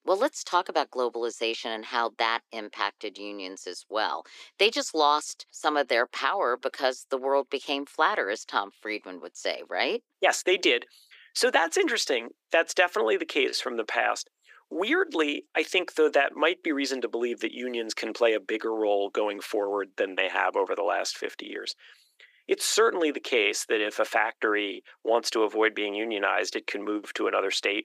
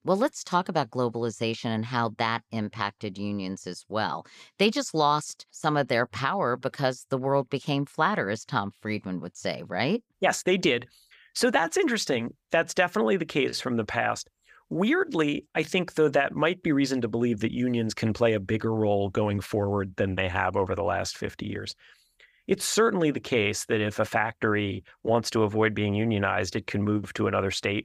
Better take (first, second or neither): second